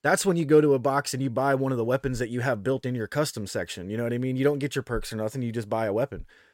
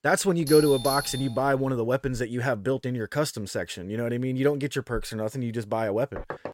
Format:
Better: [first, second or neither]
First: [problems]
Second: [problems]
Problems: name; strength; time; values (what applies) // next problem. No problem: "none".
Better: first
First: none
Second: doorbell; noticeable; until 1.5 s; peak 4 dB below the speech // door banging; very faint; at 6 s; peak 10 dB below the speech